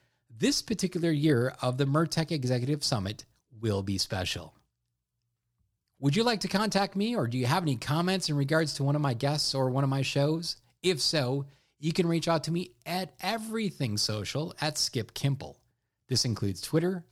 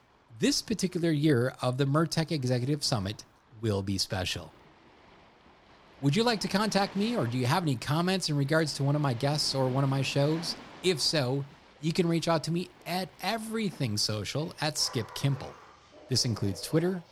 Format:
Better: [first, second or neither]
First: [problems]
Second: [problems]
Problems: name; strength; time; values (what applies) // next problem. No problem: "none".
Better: first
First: none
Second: rain or running water; faint; throughout; 20 dB below the speech